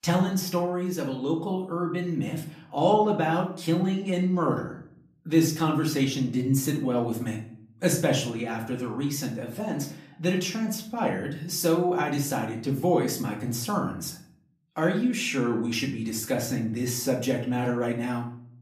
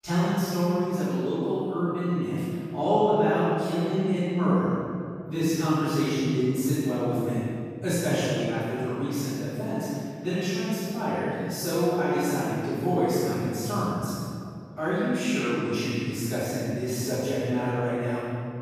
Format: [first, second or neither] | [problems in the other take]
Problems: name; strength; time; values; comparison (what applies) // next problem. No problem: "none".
first | room echo; strong; dies away in 2.4 s; slight in the first // off-mic speech; far; far in the first